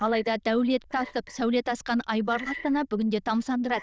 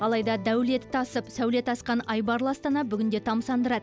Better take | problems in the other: second | noise reduction (neural diffusion model UNIVERSE++)

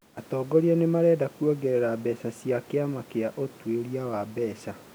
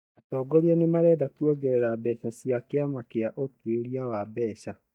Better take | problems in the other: first | noise reduction (neural mask model DeepFilterNet 3)

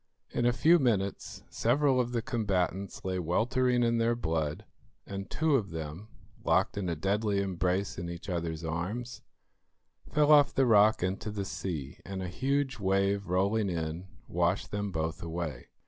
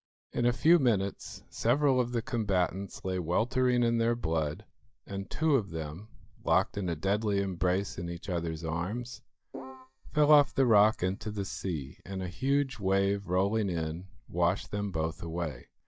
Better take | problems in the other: first | noise reduction (neural mask model DeepFilterNet 3)

